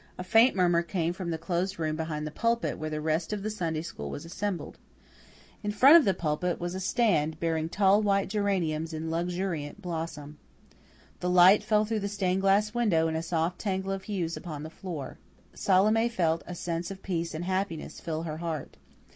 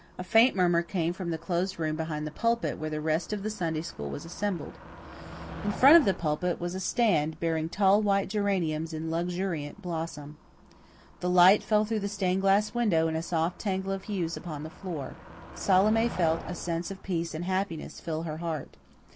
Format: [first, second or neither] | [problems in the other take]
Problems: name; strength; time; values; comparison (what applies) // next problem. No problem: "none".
first | background sound (Motor vehicle (road)); 18 dB below the speech